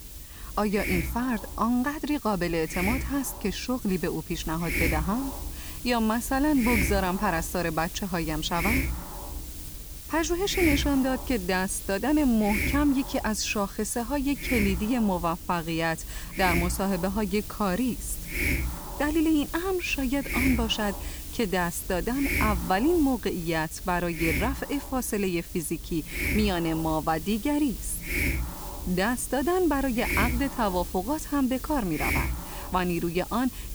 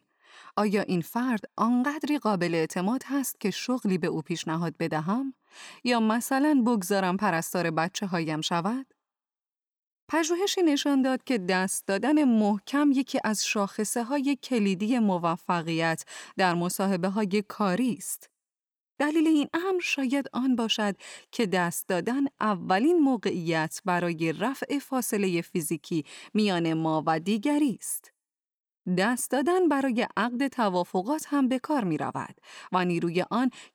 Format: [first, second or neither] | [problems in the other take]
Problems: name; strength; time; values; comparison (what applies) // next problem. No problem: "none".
second | hiss; loud; throughout; 5 dB below the speech